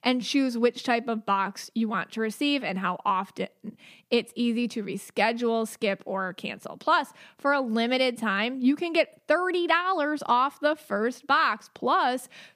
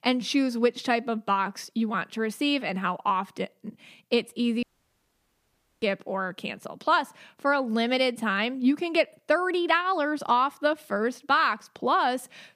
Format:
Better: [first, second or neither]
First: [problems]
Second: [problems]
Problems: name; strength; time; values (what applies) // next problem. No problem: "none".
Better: first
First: none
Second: audio cutting out; at 4.5 s for 1 s